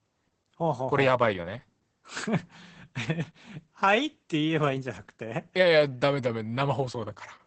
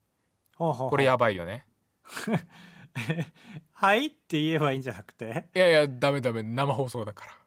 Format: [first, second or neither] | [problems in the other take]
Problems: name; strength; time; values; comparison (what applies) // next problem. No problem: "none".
second | garbled, watery; badly; nothing above 8 kHz; slightly in the second